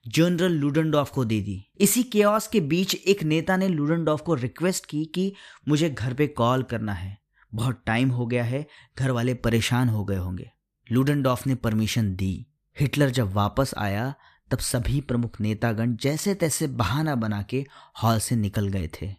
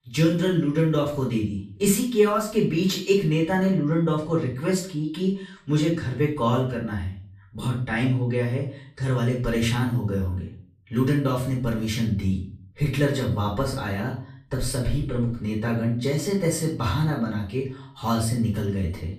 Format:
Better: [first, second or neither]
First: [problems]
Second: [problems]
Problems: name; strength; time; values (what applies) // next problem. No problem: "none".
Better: first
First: none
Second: off-mic speech; far // room echo; slight; dies away in 0.4 s